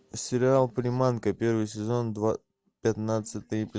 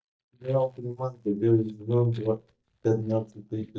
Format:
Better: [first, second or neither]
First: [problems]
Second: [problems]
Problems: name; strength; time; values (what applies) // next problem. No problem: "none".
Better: first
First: none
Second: noise reduction (neural mask model DeepFilterNet 3)